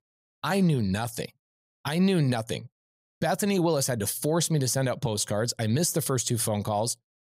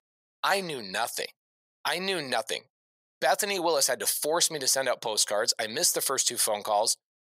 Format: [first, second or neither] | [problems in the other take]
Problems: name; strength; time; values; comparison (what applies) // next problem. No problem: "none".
first | thin; very; fading below 650 Hz